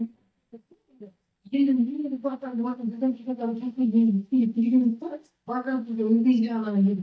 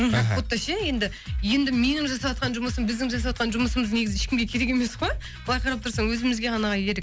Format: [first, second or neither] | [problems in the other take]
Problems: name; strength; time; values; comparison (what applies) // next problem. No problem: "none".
second | noise reduction (neural mask model DeepFilterNet 3)